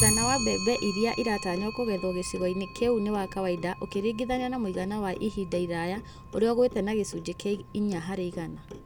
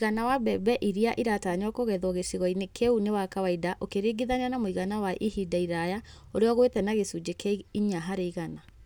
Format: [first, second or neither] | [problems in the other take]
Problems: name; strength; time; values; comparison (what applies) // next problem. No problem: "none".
second | background sound (Clock); 7 dB below the speech